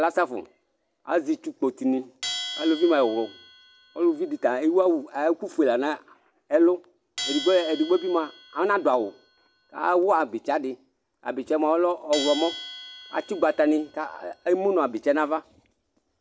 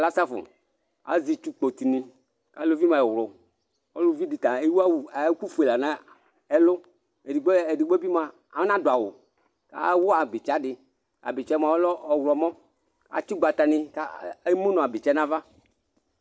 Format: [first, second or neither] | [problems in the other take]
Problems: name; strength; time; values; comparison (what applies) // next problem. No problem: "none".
second | background sound (Bell); 16 dB below the speech